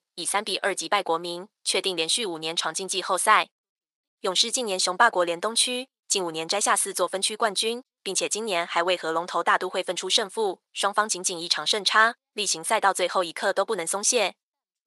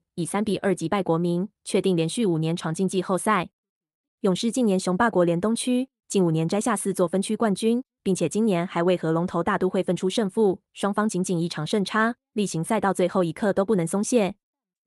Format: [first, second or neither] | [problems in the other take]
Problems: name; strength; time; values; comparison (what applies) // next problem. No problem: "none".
second | thin; very; fading below 750 Hz